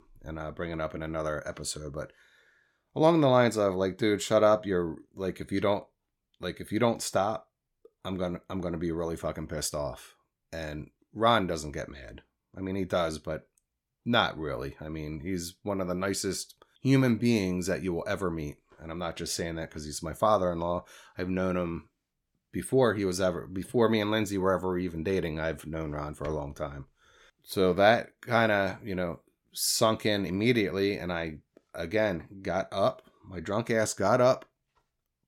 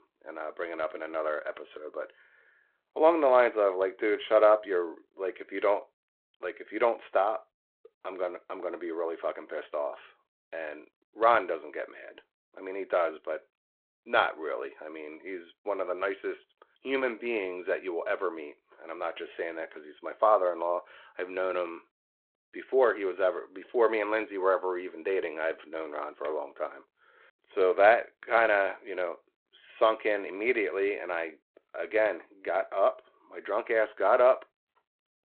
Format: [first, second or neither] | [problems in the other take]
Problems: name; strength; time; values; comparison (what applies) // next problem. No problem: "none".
first | phone-call audio